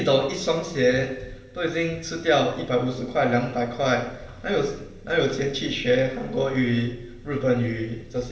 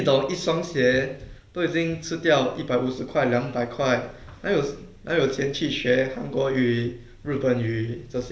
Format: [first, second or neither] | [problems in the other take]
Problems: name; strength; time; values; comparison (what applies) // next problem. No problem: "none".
second | room echo; dies away in 2 s